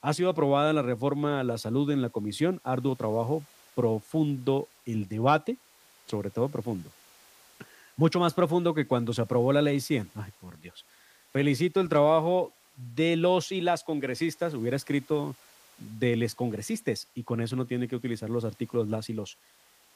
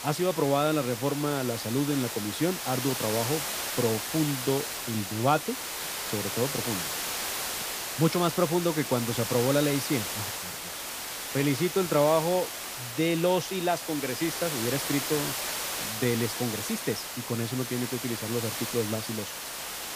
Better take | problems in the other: first | hiss; loud; throughout; 3 dB below the speech; faint in the first

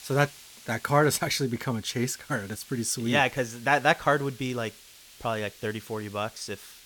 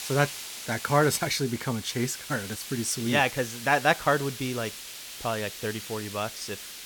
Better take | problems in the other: first | hiss; loud; throughout; 10 dB below the speech; faint in the first

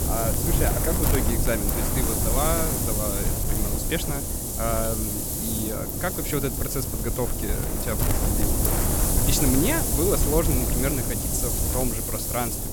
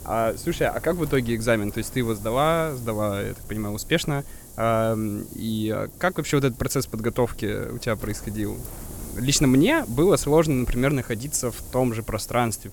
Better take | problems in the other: second | wind noise on the microphone; heavy; 1 dB above the speech; occasional gusts in the second

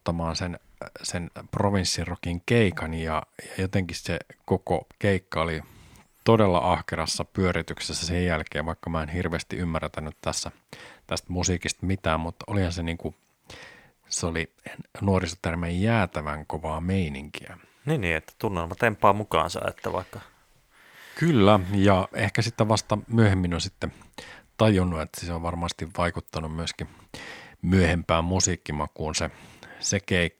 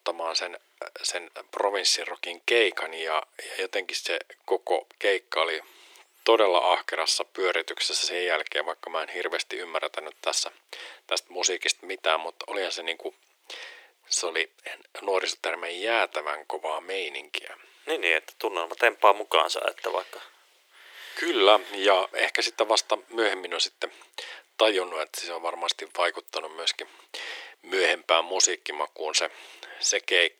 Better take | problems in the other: first | thin; very; fading below 350 Hz

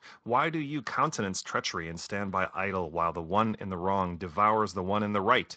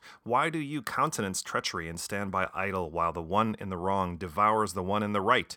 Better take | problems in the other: second | garbled, watery; slightly; nothing above 7.5 kHz

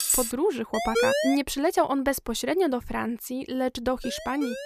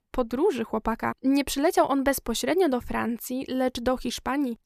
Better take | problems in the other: second | clattering dishes; loud; at the start; peak 4 dB above the speech // siren; loud; at 0.5 s; peak 4 dB above the speech // siren; noticeable; at 4 s; peak 9 dB below the speech

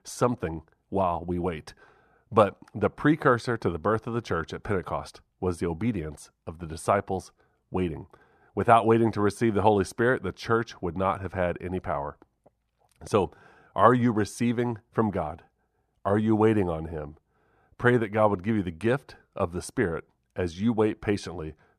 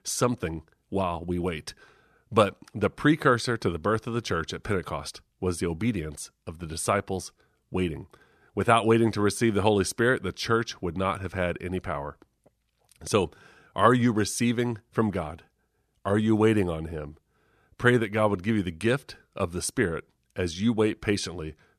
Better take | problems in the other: second | muffled; slightly; fading above 2 kHz

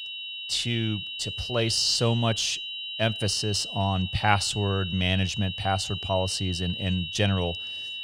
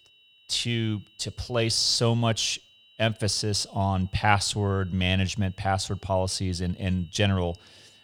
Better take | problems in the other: second | high-pitched whine; loud; throughout; 3 kHz, 6 dB below the speech; faint in the second

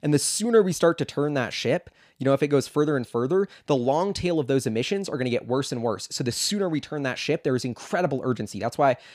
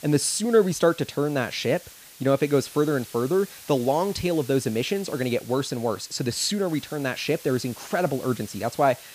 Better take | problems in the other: first | hiss; noticeable; throughout; 20 dB below the speech

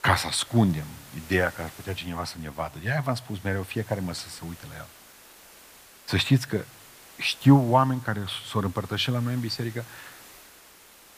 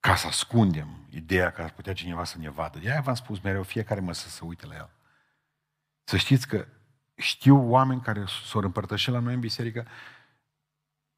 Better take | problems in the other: second | hiss; faint; throughout; 20 dB below the speech

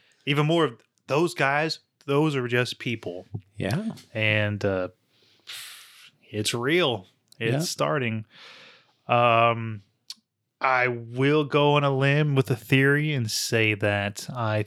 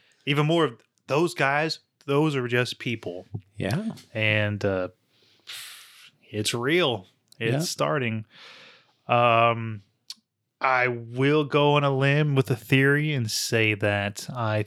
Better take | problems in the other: neither | none

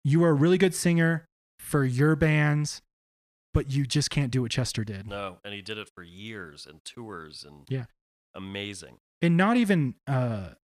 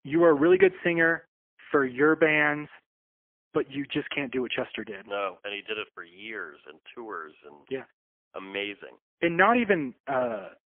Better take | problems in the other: first | phone-call audio; poor line; nothing above 3.5 kHz

